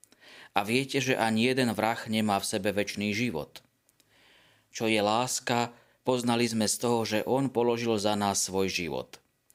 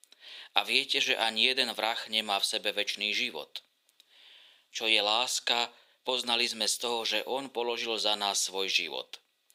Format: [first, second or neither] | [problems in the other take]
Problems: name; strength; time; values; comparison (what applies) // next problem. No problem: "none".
first | thin; somewhat; fading below 450 Hz